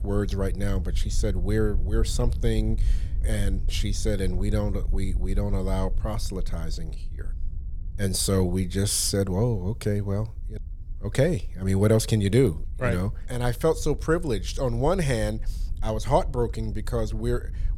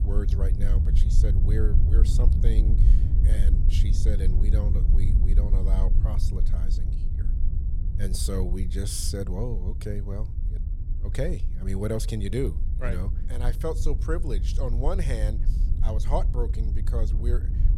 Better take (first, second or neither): first